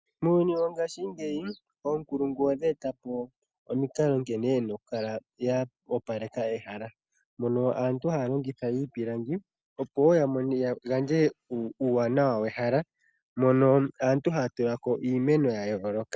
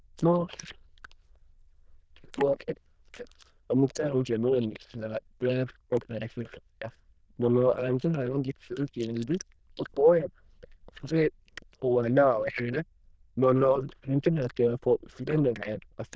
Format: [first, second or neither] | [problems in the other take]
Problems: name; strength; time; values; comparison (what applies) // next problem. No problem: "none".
first | noise reduction (neural diffusion model UNIVERSE++)